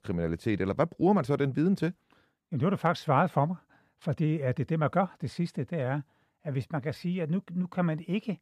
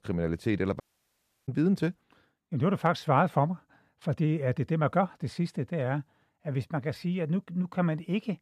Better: first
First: none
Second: audio cutting out; at 1 s for 0.5 s

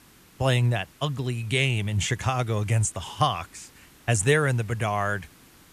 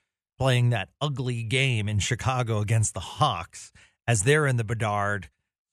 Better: second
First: hiss; faint; throughout; 25 dB below the speech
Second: none

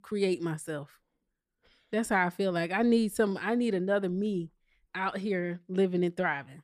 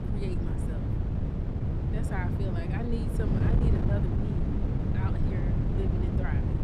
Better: first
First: none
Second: wind noise on the microphone; heavy; 3 dB above the speech

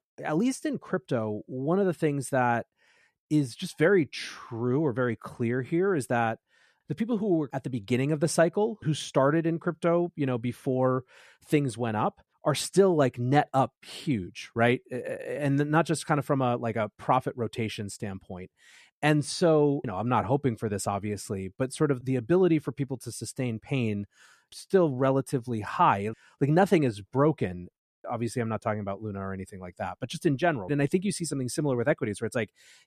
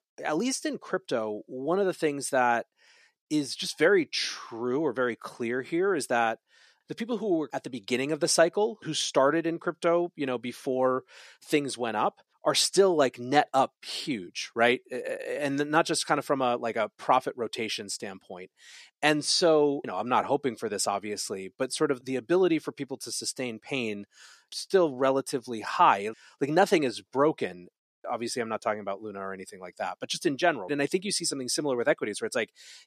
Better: first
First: none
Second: thin; very slightly; fading below 300 Hz

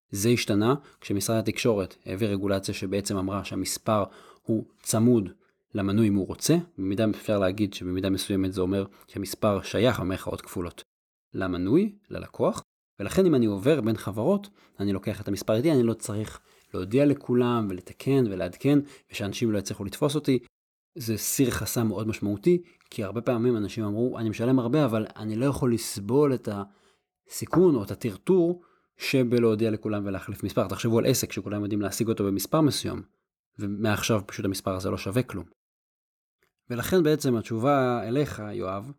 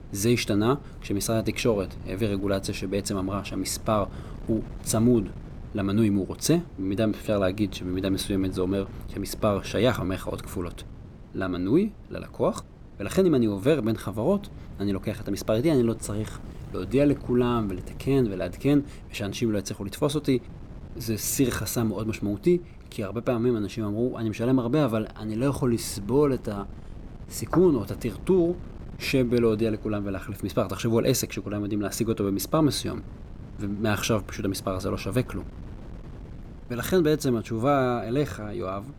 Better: first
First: none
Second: wind noise on the microphone; occasional gusts; 20 dB below the speech

